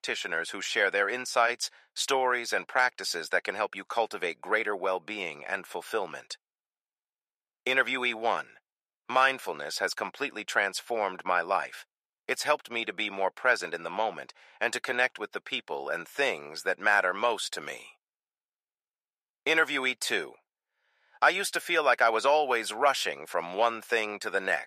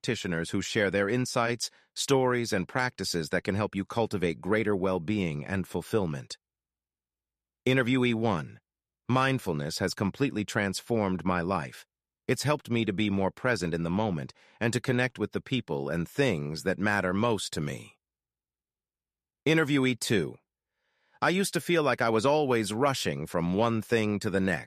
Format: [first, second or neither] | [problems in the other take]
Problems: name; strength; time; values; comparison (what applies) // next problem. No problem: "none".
second | thin; very; fading below 650 Hz